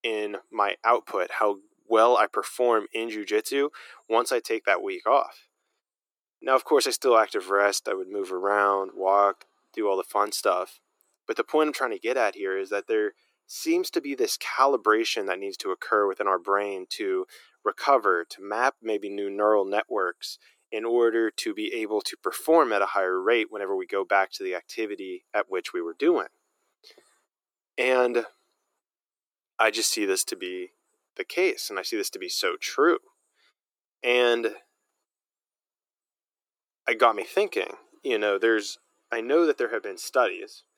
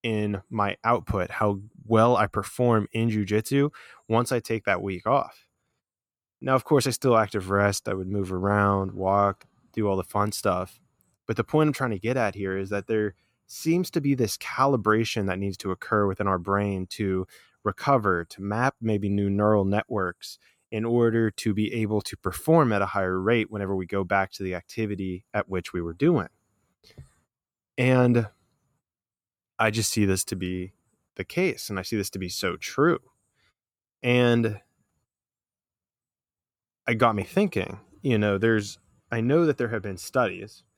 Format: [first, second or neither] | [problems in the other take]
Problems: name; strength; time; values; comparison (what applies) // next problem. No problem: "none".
second | thin; very; fading below 350 Hz